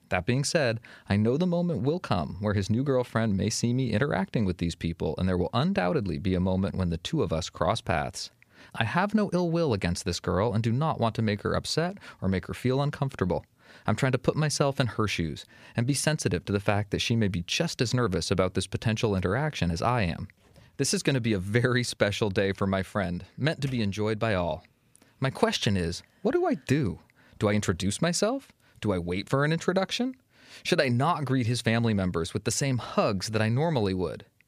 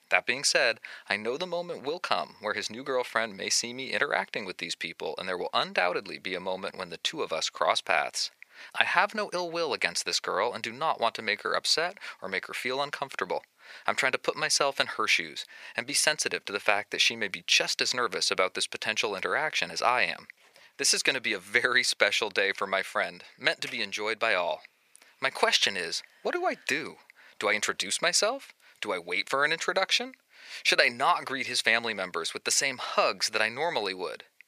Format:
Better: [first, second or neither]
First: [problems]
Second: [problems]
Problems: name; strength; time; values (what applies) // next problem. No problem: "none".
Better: first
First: none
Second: thin; very; fading below 650 Hz